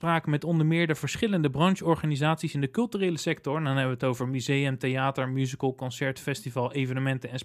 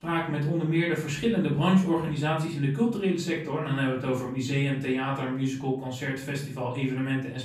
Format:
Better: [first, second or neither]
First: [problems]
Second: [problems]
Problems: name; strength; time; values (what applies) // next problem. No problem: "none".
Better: first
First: none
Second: room echo; slight; dies away in 0.4 s // off-mic speech; far